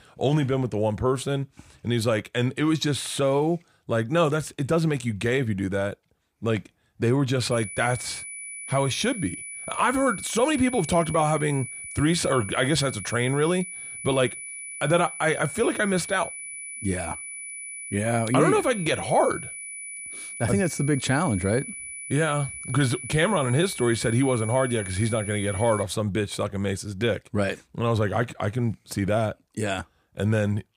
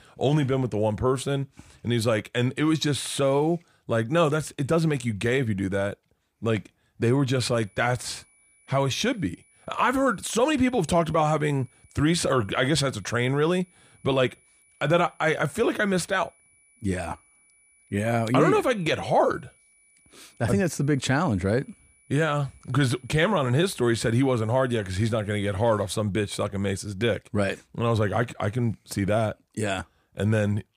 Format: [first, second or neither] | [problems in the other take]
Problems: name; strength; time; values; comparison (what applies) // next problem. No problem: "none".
second | high-pitched whine; loud; from 7.5 to 26 s; 2.5 kHz, 9 dB below the speech; faint in the second